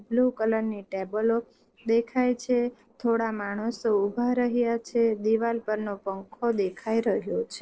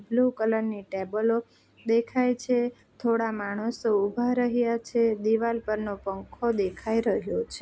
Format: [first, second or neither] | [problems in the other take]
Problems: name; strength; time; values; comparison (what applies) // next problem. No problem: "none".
second | noise reduction (neural separator model SepFormer DNS4)